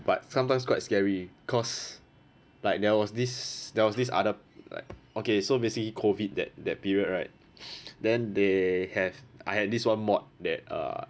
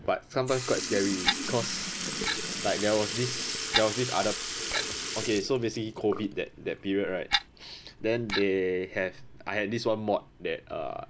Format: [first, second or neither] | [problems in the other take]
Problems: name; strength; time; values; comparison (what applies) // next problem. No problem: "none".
first | background sound (Sink (filling or washing) / Liquid + Clock); 4 dB below the speech